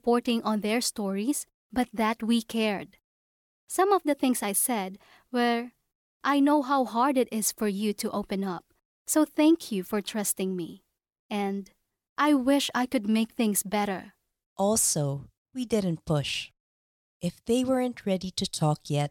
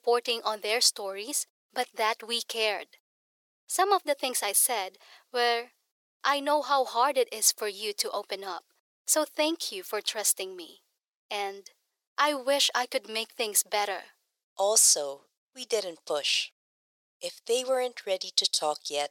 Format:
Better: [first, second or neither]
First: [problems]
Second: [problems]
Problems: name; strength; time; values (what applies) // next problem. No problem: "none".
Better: first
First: none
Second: thin; very; fading below 450 Hz